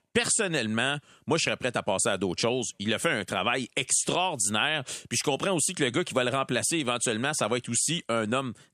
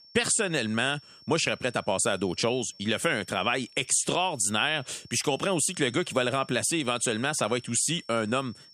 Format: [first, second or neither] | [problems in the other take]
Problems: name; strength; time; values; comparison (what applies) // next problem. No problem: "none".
first | high-pitched whine; faint; throughout; 5.5 kHz, 25 dB below the speech